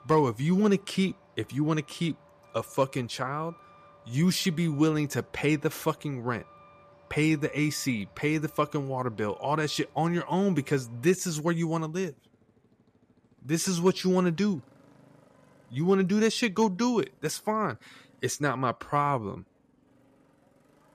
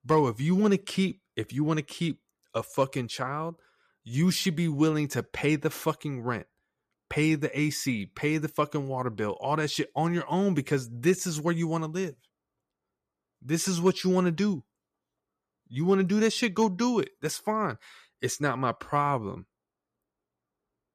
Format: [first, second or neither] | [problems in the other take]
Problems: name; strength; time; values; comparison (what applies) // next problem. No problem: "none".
second | traffic noise; faint; throughout; 30 dB below the speech